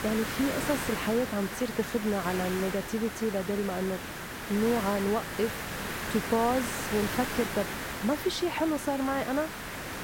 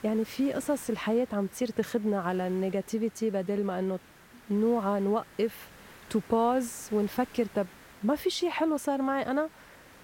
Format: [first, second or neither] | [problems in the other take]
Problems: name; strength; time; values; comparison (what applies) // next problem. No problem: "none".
second | hiss; loud; throughout; 4 dB below the speech; faint in the second